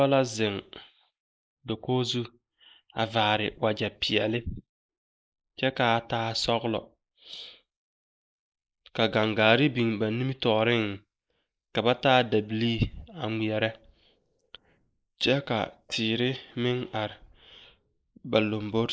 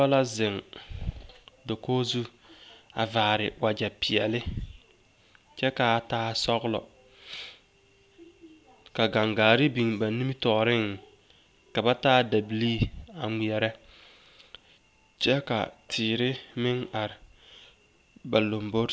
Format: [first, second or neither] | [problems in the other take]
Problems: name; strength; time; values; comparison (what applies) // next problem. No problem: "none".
second | noise reduction (neural mask model Resemble Enhance denoiser)